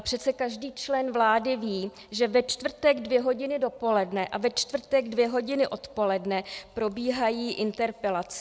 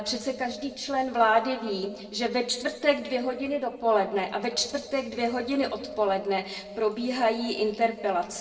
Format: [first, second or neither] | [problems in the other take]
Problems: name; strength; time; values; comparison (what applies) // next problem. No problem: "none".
first | noise reduction (neural separator model SepFormer DNS4)